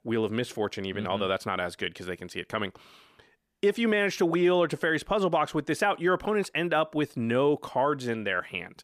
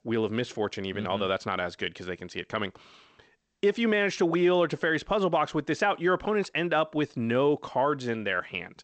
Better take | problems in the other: first | garbled, watery; slightly; nothing above 8 kHz

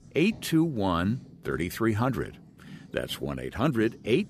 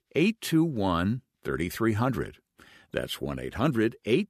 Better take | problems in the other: second | household noises; noticeable; throughout; 20 dB below the speech

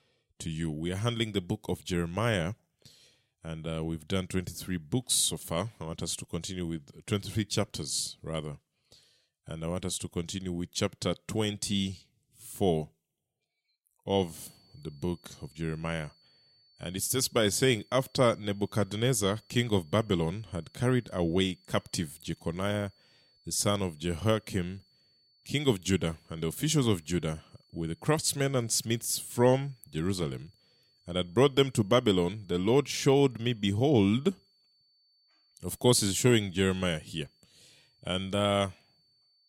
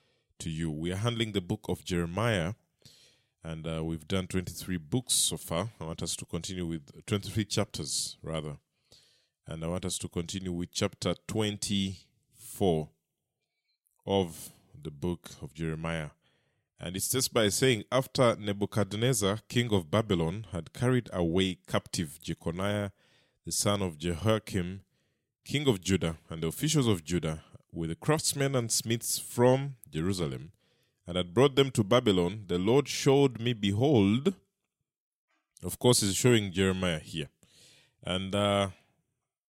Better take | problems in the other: second | high-pitched whine; faint; from 14 s on; 4.5 kHz, 35 dB below the speech

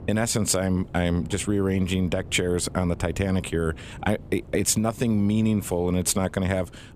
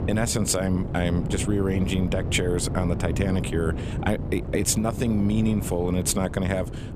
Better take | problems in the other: first | wind noise on the microphone; heavy; 10 dB below the speech; occasional gusts in the first

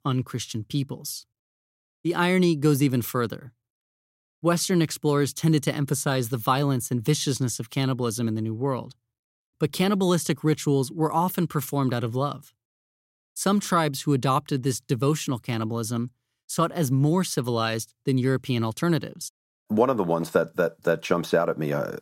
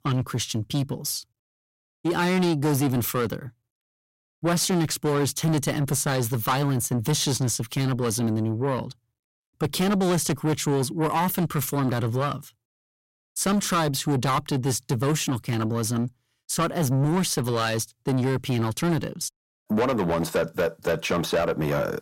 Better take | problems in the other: first | distortion; heavy; 7 dB below the speech

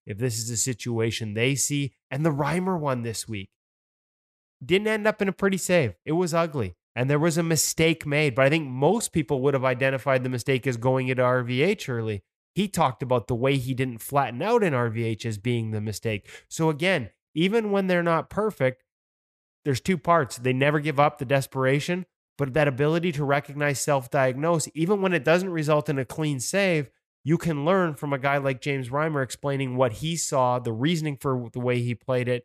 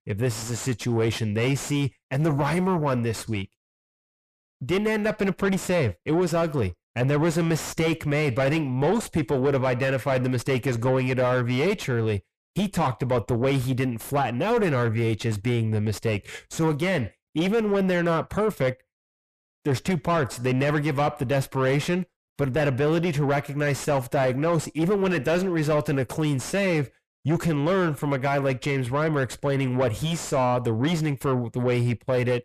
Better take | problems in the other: first | distortion; heavy; 6 dB below the speech

